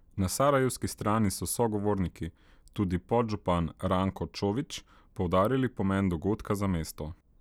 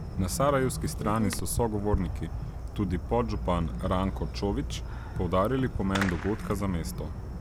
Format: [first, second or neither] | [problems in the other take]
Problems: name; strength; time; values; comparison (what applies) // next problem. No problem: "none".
first | background sound (Fireworks); 4 dB below the speech